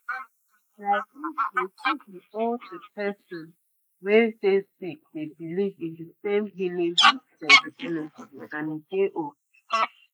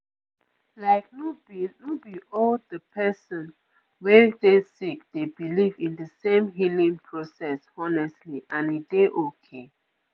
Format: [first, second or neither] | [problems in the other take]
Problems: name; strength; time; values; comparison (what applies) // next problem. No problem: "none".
second | noise reduction (neural mask model Resemble Enhance denoiser)